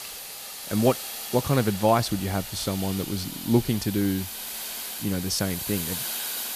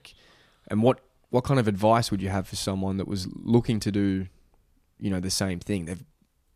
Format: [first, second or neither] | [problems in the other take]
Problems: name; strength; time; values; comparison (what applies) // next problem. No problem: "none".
second | hiss; loud; throughout; 6 dB below the speech